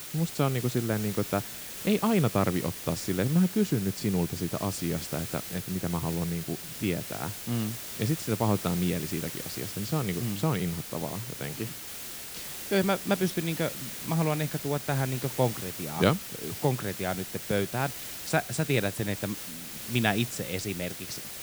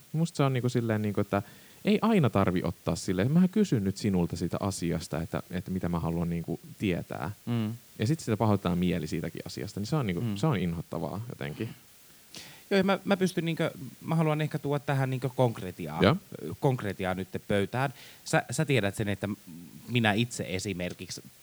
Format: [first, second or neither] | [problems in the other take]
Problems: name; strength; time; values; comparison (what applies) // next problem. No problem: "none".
second | hiss; loud; throughout; 7 dB below the speech; faint in the second